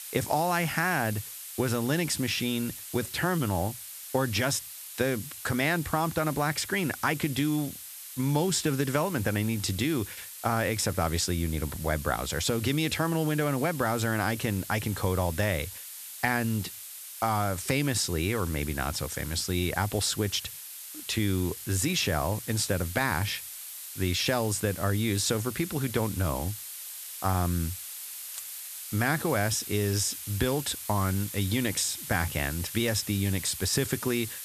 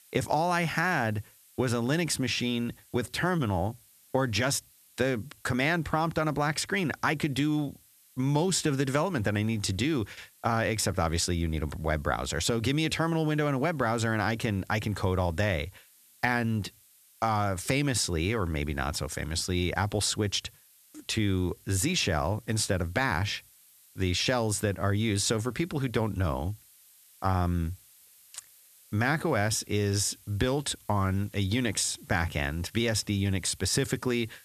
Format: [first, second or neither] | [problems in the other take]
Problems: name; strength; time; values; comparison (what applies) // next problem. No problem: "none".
second | hiss; loud; throughout; 10 dB below the speech; faint in the second